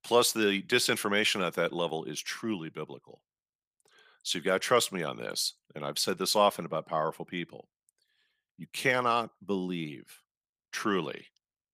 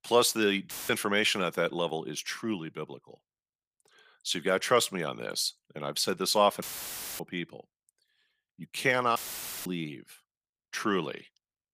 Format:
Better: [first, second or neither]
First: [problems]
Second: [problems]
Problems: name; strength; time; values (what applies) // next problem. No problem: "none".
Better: first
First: none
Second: audio cutting out; filled with static; at 0.5 s, at 6.5 s for 0.5 s and at 9 s for 0.5 s